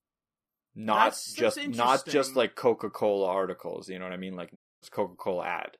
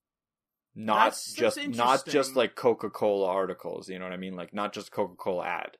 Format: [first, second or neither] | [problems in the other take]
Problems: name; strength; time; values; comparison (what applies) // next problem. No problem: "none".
second | audio cutting out; at 4.5 s